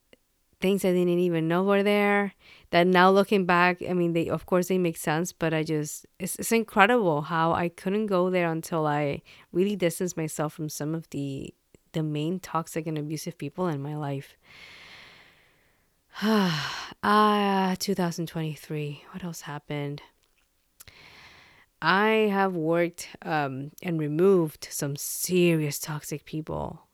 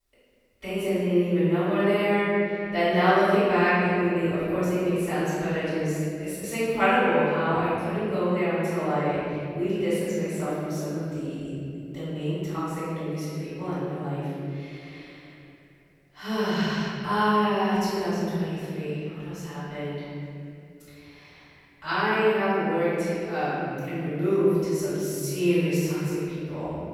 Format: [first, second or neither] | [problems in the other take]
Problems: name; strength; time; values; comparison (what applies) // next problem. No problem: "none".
first | room echo; strong; dies away in 2.6 s // off-mic speech; far